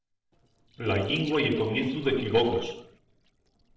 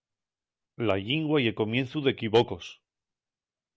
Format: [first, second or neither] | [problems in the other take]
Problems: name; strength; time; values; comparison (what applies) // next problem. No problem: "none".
second | noise reduction (neural separator model SepFormer DNS4)